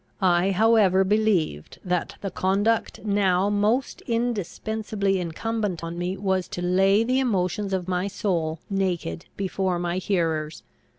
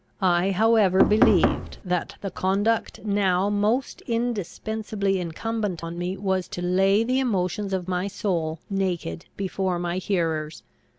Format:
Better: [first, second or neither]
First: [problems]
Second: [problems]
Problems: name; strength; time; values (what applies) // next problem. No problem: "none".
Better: first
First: none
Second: background sound (Knock); 2 dB above the speech